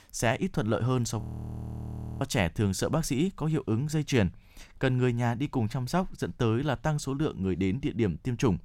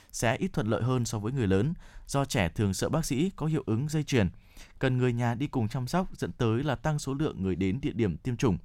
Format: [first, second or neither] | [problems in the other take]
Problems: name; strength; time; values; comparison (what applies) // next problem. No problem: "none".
second | audio freezing; at 1 s for 1 s